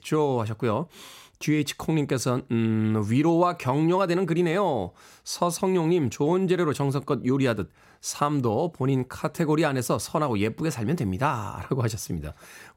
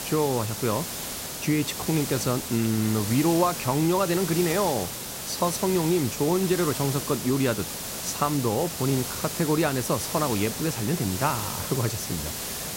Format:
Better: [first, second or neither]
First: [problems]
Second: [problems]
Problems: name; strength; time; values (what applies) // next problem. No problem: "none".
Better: first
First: none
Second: hiss; loud; throughout; 5 dB below the speech